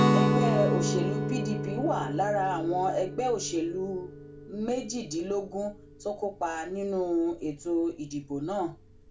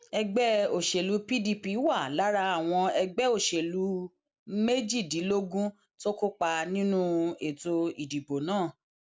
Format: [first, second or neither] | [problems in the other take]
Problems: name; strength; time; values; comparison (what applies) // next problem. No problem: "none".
second | background sound (Guitar); 1 dB below the speech // room echo; dies away in 0.2 s